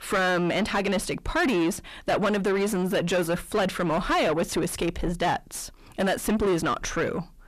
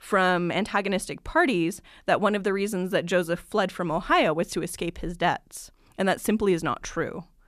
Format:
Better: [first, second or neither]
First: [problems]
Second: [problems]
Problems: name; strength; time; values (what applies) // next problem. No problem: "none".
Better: second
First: distortion; heavy; 5 dB below the speech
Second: none